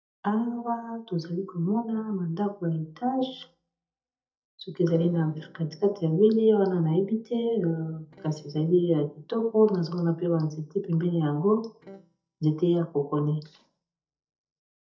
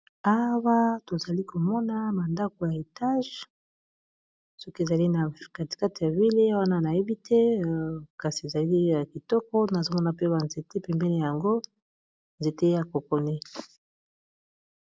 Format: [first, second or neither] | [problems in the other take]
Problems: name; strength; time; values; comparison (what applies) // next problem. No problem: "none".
second | noise reduction (neural mask model DeepFilterNet 3)